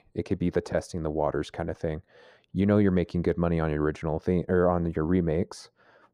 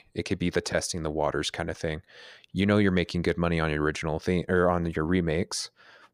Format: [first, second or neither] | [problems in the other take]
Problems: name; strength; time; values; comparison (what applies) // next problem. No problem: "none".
second | muffled; slightly; fading above 1.5 kHz